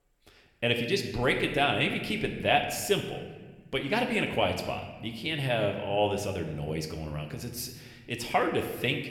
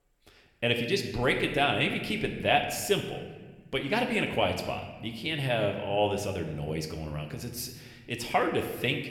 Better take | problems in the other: neither | room echo; slight; dies away in 1.1 s; the same in both

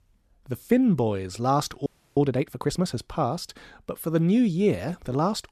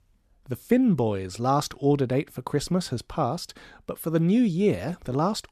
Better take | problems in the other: second | audio freezing; at 2 s

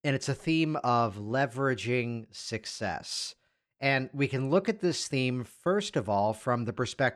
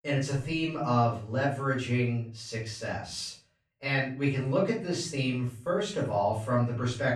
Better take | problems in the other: first | off-mic speech; far // room echo; noticeable; dies away in 0.4 s

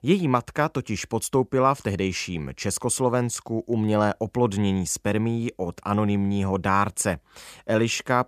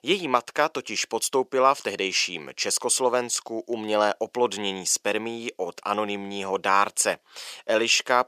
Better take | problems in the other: first | thin; somewhat; fading below 500 Hz

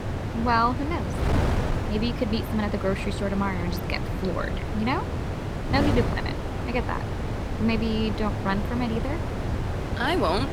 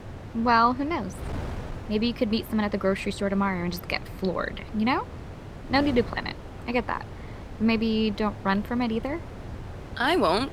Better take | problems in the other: second | wind noise on the microphone; heavy; 5 dB below the speech; occasional gusts in the second

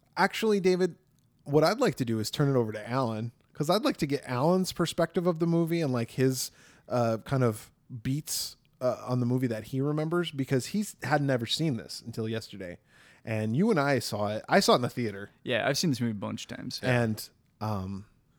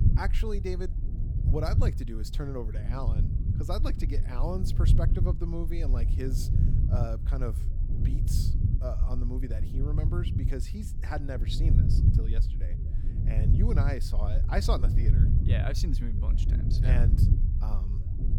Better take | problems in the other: first | low rumble; loud; throughout; 4 dB below the speech

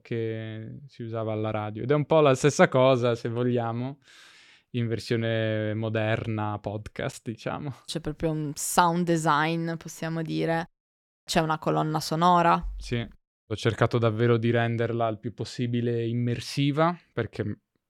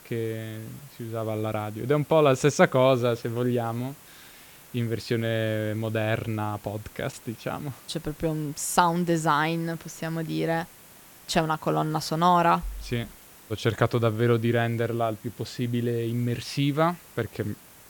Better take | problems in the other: first | hiss; faint; throughout; 20 dB below the speech

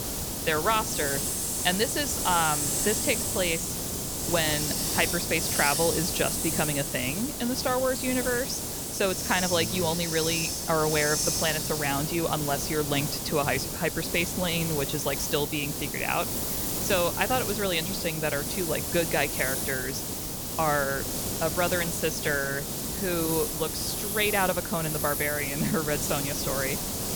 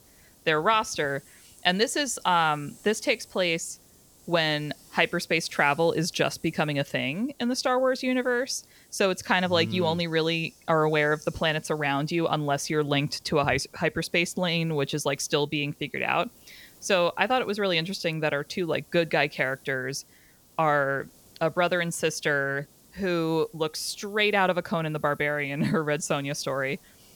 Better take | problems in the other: second | hiss; loud; throughout; as loud as the speech; faint in the second

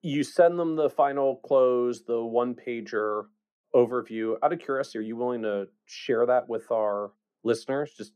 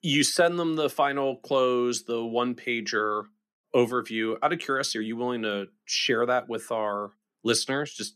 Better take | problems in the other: second | muffled; very; fading above 2 kHz

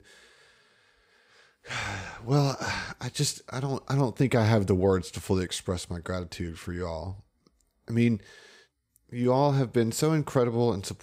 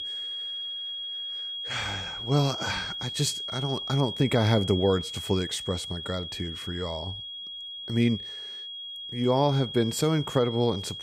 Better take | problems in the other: first | high-pitched whine; loud; throughout; 3.5 kHz, 6 dB below the speech

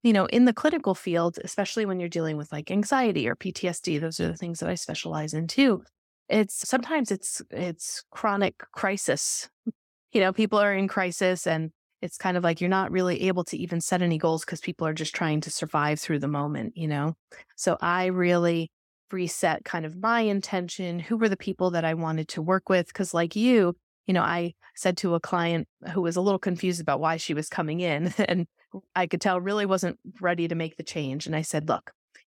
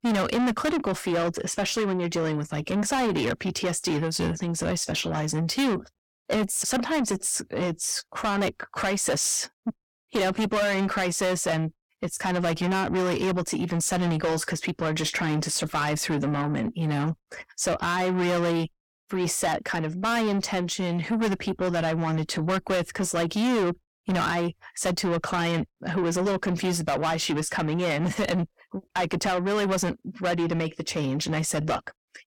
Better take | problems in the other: first | distortion; heavy; 5 dB below the speech

